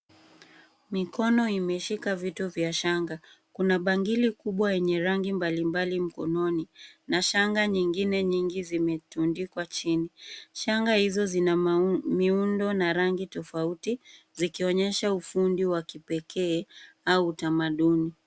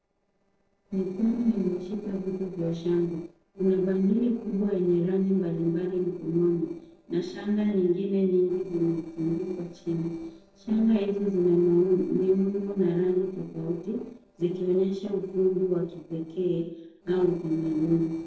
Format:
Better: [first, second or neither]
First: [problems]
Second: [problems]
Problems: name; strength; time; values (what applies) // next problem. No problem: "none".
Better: first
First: none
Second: noise reduction (neural separator model SepFormer DNS4)